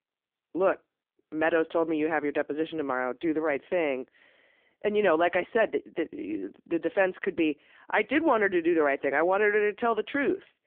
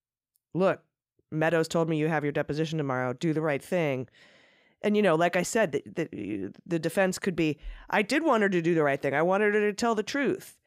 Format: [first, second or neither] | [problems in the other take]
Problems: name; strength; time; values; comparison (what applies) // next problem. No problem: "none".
second | phone-call audio; poor line